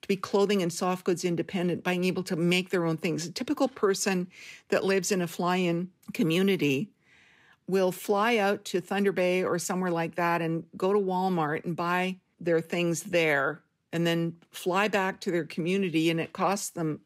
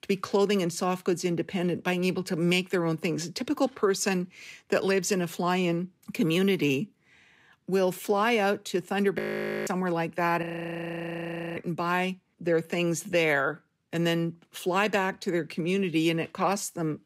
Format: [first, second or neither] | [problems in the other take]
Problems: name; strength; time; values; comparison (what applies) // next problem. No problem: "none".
first | audio freezing; at 9 s and at 10 s for 1 s